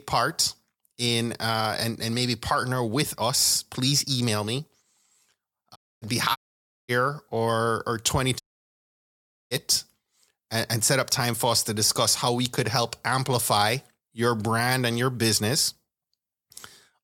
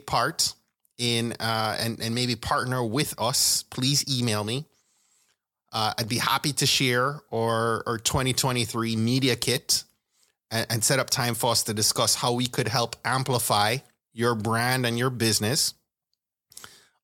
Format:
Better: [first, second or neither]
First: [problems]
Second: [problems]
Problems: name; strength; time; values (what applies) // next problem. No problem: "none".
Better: second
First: audio cutting out; at 6 s, at 6.5 s for 0.5 s and at 8.5 s for 1 s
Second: none